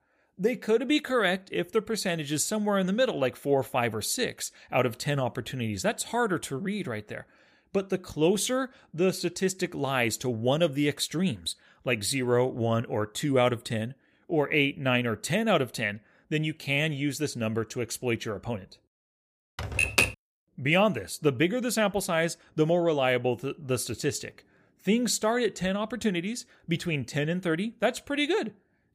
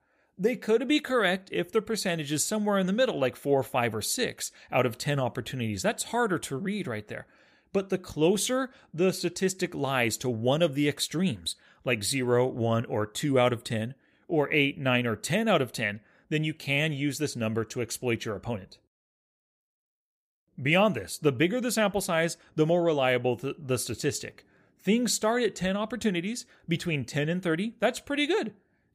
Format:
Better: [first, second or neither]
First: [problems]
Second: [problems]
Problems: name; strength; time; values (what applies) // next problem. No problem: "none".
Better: second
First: keyboard typing; loud; at 20 s; peak 5 dB above the speech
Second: none